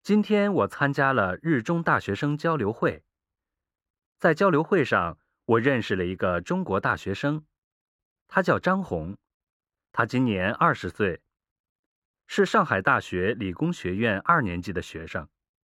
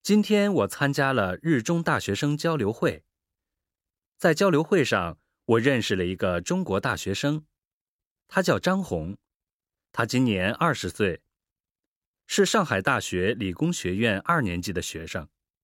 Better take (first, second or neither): second